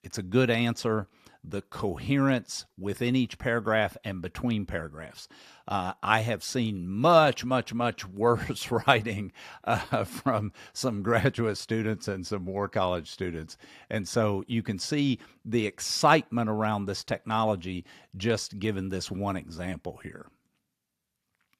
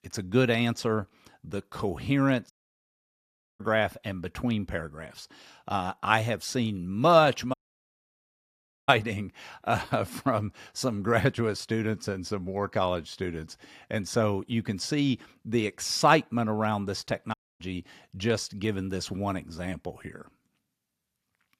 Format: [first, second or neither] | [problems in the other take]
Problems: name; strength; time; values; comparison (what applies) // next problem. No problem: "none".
first | audio cutting out; at 2.5 s for 1 s, at 7.5 s for 1.5 s and at 17 s